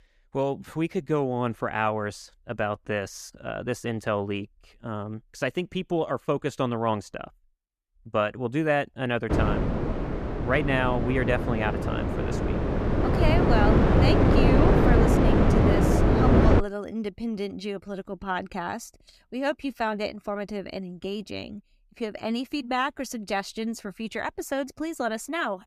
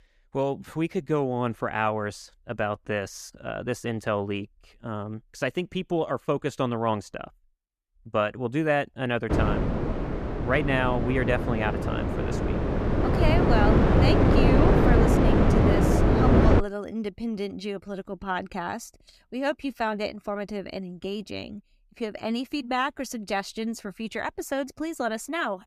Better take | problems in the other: neither | wind noise on the microphone; heavy; from 9.5 to 17 s; 3 dB above the speech; the same in both

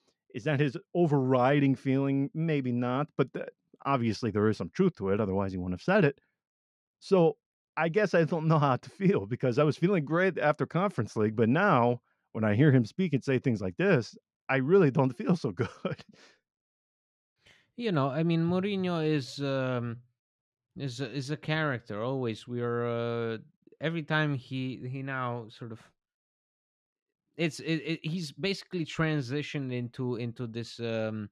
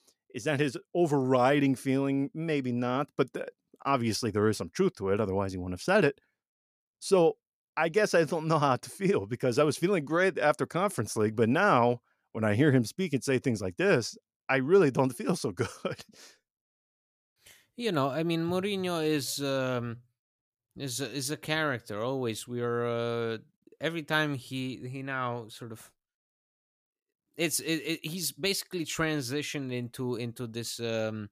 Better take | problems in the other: second | muffled; very slightly; fading above 3.5 kHz

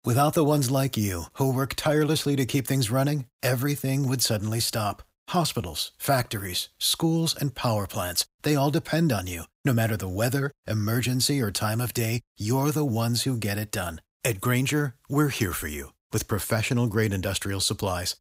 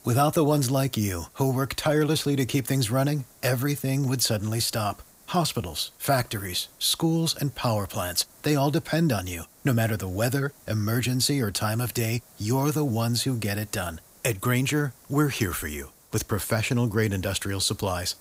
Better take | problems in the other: first | hiss; faint; throughout; 25 dB below the speech

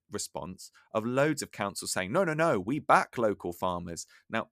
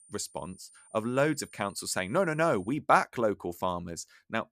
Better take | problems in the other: first | high-pitched whine; faint; until 2.5 s; 9 kHz, 25 dB below the speech

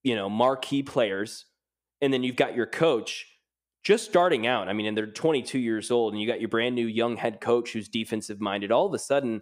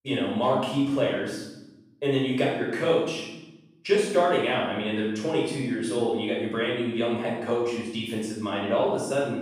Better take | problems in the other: first | off-mic speech; far // room echo; noticeable; dies away in 0.8 s

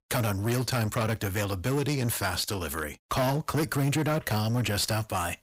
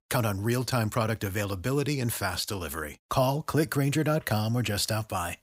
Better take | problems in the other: second | distortion; slight; 15% of the sound clipped

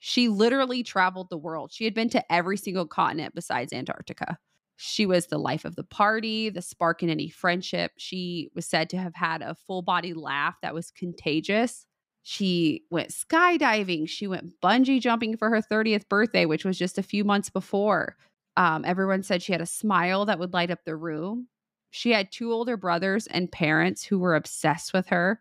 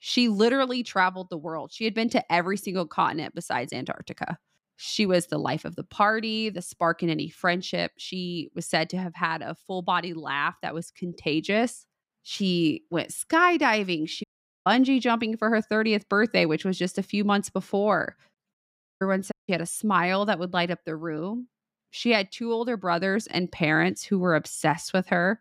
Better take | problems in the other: first | audio cutting out; at 14 s and at 19 s

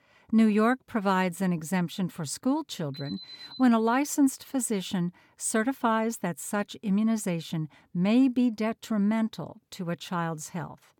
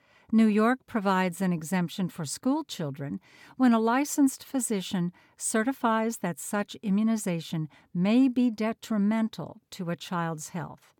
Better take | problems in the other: second | alarm; faint; at 3 s; peak 15 dB below the speech

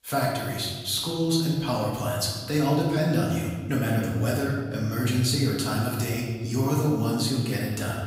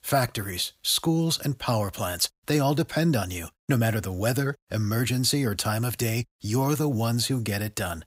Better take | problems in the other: second | off-mic speech; far // room echo; noticeable; dies away in 1.4 s

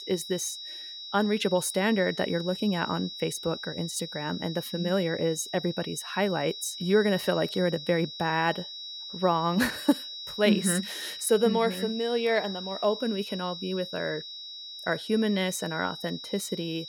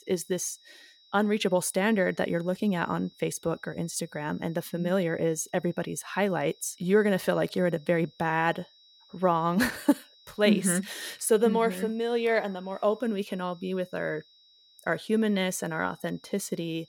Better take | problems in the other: second | high-pitched whine; loud; throughout; 4 kHz, 9 dB below the speech; faint in the second

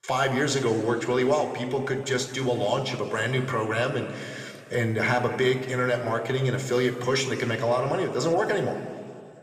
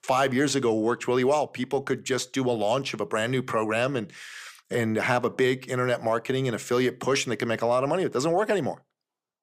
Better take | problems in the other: second | room echo; noticeable; dies away in 2.4 s

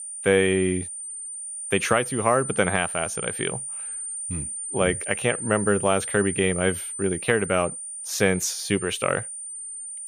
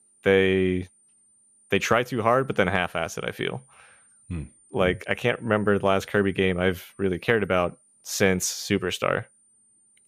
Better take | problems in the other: second | high-pitched whine; loud; throughout; 9 kHz, 6 dB below the speech; faint in the second

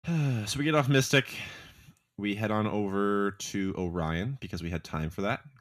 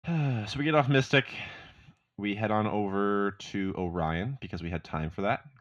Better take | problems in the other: first | muffled; slightly; fading above 3 kHz

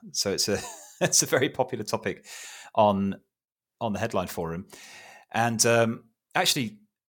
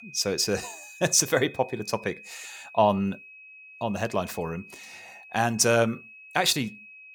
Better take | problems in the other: first | high-pitched whine; noticeable; throughout; 2.5 kHz, 20 dB below the speech

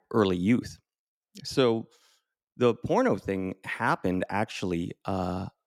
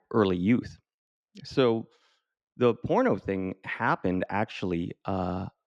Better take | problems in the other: first | muffled; very slightly; fading above 3.5 kHz

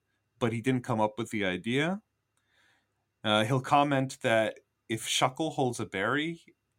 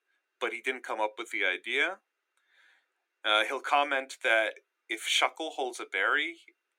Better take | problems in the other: first | thin; very; fading below 350 Hz

